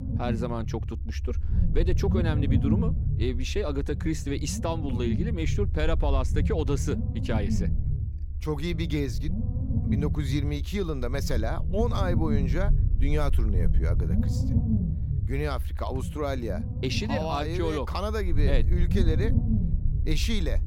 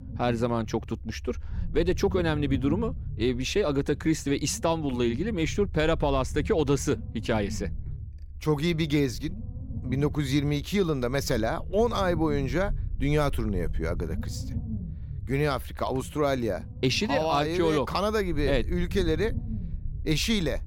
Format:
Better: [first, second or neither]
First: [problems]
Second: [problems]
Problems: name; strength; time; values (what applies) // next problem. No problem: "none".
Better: second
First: low rumble; loud; throughout; 8 dB below the speech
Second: low rumble; faint; throughout; 20 dB below the speech